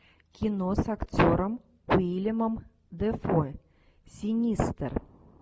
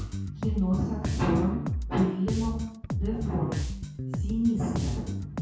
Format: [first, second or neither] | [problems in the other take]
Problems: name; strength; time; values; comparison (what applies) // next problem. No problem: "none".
first | background sound (Bass guitar); 3 dB below the speech // room echo; dies away in 0.6 s